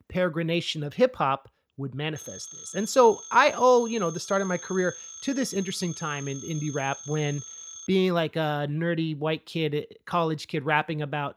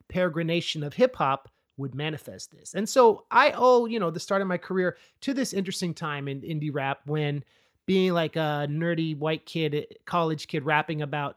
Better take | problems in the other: second | phone ringing; faint; from 2 to 8 s; peak 10 dB below the speech

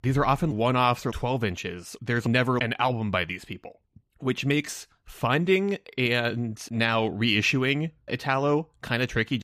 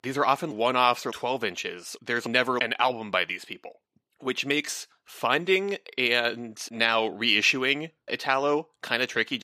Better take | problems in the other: first | thin; somewhat; fading below 350 Hz

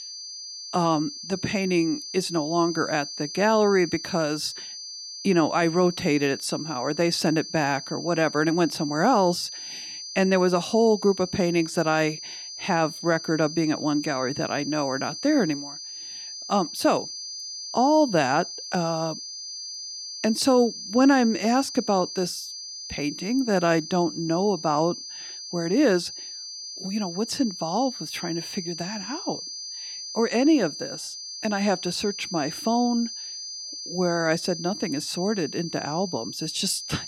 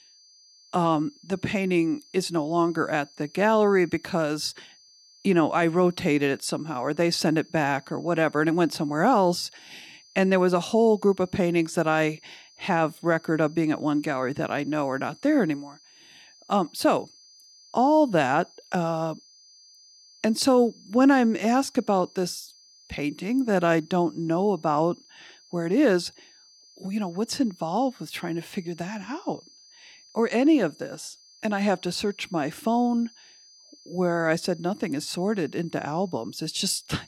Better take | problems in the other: second | high-pitched whine; loud; throughout; 4.5 kHz, 9 dB below the speech; faint in the second

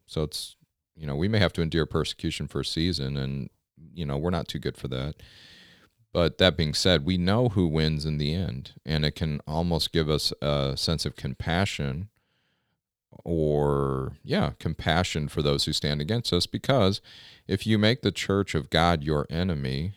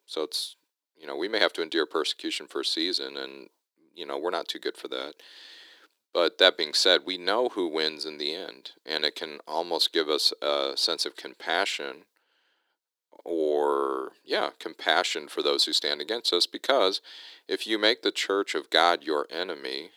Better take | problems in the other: first | thin; very; fading below 300 Hz

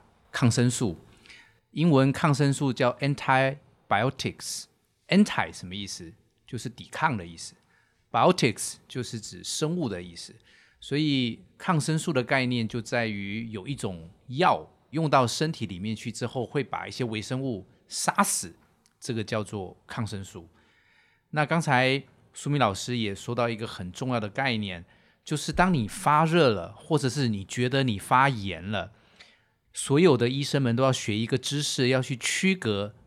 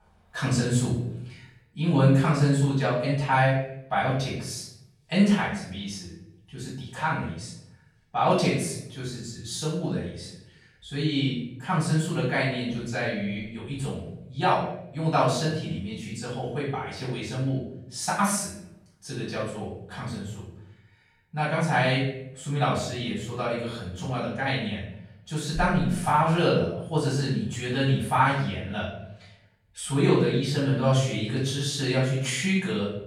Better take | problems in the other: first | off-mic speech; far // room echo; noticeable; dies away in 0.6 s

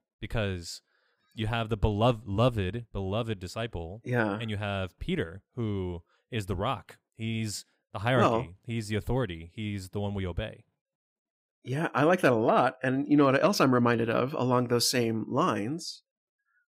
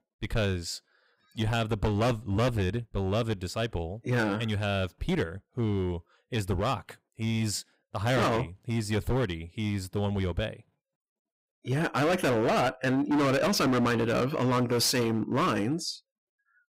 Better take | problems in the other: first | distortion; heavy; 13% of the sound clipped

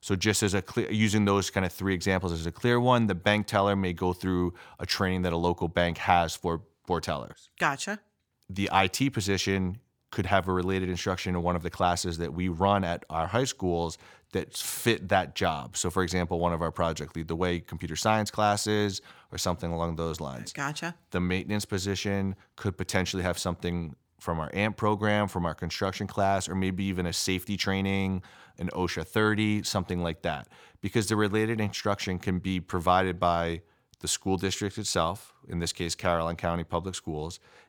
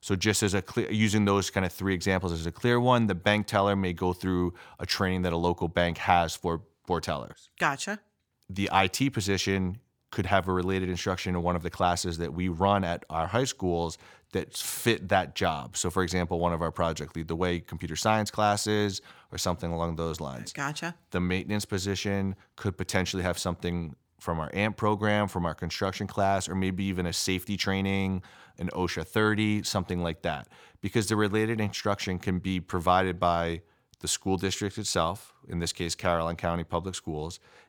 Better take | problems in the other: neither | none

